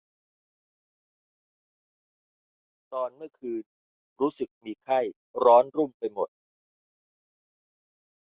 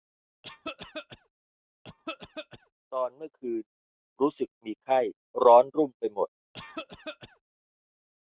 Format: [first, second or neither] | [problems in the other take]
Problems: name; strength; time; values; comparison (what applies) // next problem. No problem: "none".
first | noise reduction (neural mask model RNNoise)